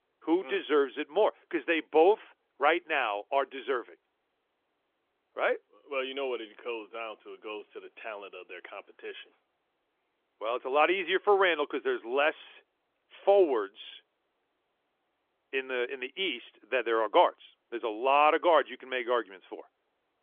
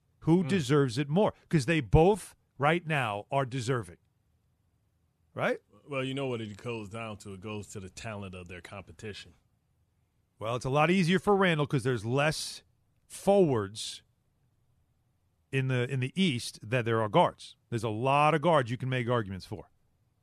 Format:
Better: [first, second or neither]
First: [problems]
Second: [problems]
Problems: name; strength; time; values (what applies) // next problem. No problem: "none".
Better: second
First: phone-call audio; nothing above 3.5 kHz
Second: none